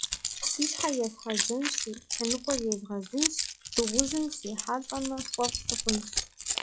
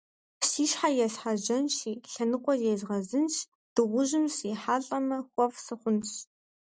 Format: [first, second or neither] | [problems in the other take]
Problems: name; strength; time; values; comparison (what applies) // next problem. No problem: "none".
second | noise reduction (classical method log-MMSE)